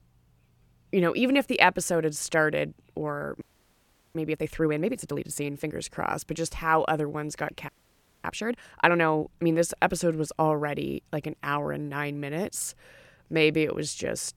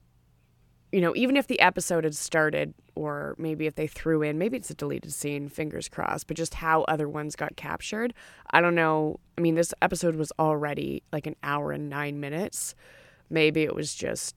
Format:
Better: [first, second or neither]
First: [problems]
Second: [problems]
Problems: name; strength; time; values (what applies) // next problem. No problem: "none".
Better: second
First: audio freezing; at 3.5 s for 0.5 s and at 7.5 s for 0.5 s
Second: none